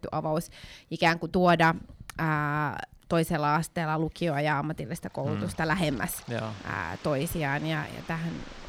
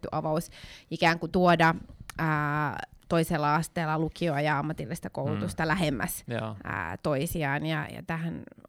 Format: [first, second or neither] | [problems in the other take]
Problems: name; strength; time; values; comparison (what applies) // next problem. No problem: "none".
second | rain or running water; noticeable; from 5.5 s on; 20 dB below the speech